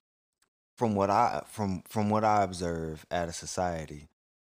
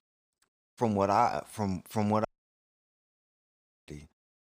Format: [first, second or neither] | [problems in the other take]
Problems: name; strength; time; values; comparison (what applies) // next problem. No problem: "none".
first | audio cutting out; at 2.5 s for 1.5 s